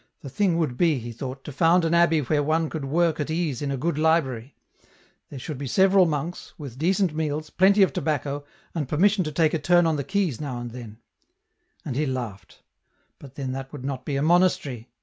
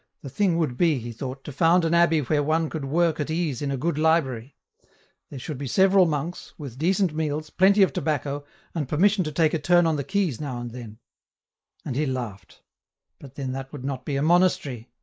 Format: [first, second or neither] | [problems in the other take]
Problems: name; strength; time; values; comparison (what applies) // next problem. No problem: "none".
first | noise reduction (neural mask model Resemble Enhance denoiser)